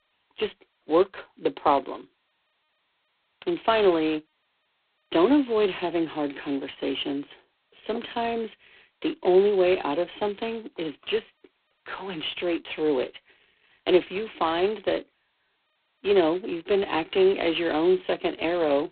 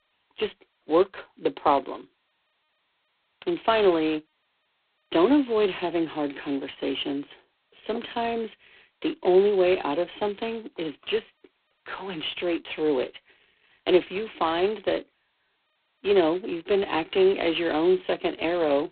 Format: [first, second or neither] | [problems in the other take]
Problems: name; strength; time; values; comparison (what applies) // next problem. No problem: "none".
neither | phone-call audio; poor line; nothing above 4 kHz; the same in both